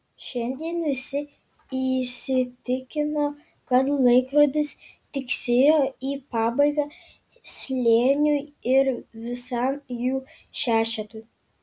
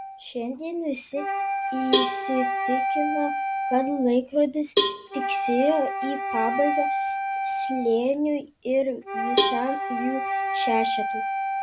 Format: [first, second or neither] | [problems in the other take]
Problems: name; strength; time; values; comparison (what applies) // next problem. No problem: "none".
first | background sound (Wind instrument, woodwind instrument + Cowbell); as loud as the speech